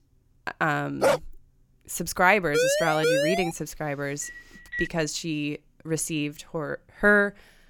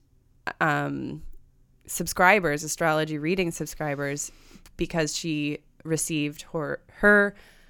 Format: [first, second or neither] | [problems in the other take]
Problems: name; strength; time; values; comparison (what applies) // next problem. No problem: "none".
second | dog barking; loud; at 1 s; peak 2 dB above the speech // siren; loud; at 2.5 s; peak 3 dB above the speech // phone ringing; noticeable; at 4 s; peak 6 dB below the speech